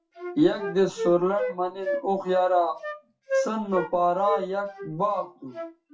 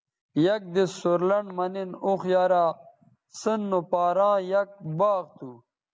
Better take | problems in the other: second | noise reduction (classical method WPE with log-MMSE)

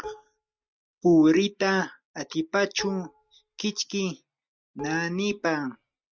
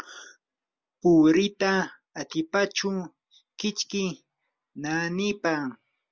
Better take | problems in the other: second | noise reduction (neural mask model RNNoise)

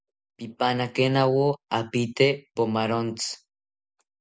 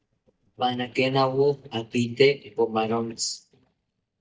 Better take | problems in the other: first | noise reduction (neural mask model DeepFilterNet 3)

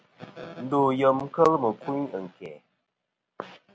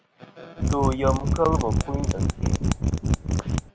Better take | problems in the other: first | background sound (Mechanisms); 5 dB above the speech

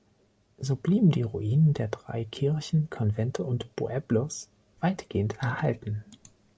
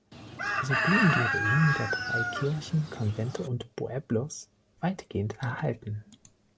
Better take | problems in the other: first | background sound (Chicken, rooster); as loud as the speech

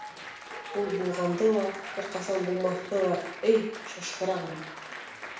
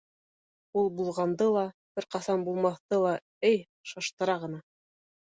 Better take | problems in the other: second | background sound (Applause); 11 dB below the speech // room echo; dies away in 0.7 s

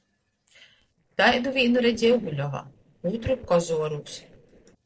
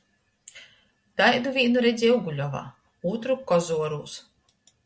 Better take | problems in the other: second | noise reduction (neural separator model SepFormer DNS4)

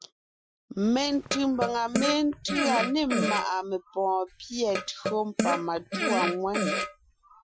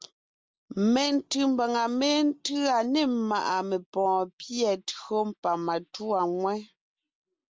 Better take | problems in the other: second | noise reduction (classical method Wiener filter)

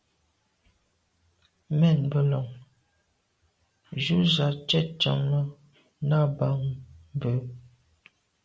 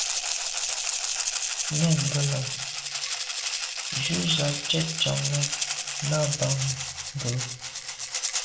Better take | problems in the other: first | background sound (Rattle (instrument)); as loud as the speech // room echo; dies away in 0.5 s

